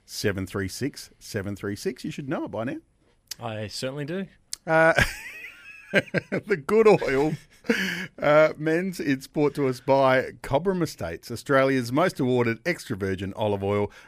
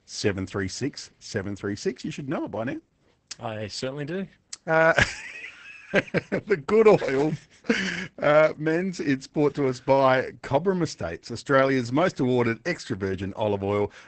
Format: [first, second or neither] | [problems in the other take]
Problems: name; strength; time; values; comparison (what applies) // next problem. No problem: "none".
first | garbled, watery; badly; nothing above 8 kHz